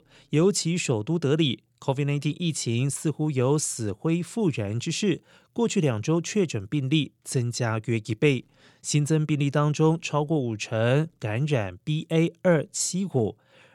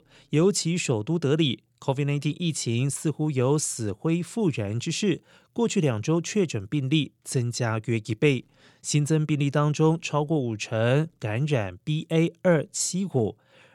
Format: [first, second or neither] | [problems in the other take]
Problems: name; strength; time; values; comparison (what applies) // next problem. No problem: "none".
neither | none